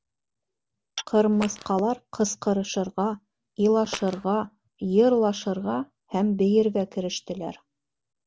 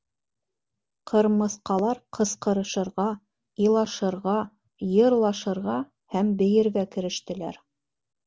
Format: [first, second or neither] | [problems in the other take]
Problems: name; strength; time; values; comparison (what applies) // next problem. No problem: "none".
second | background sound (Tap / Glass + Fart); 13 dB below the speech